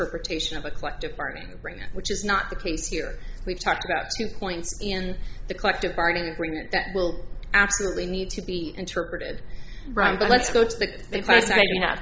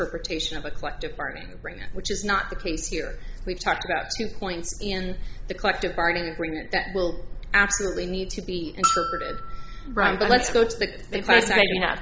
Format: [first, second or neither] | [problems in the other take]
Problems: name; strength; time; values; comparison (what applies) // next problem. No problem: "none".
first | background sound (Bell); 5 dB below the speech